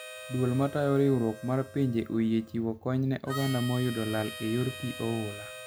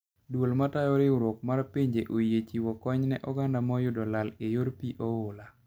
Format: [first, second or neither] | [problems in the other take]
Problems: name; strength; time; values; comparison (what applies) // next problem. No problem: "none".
second | background sound (Harmonica); 14 dB below the speech